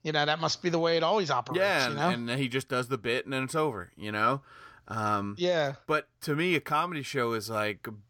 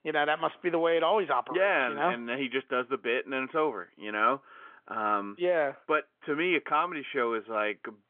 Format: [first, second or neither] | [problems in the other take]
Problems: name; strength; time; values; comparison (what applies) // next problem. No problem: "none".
first | phone-call audio; nothing above 3.5 kHz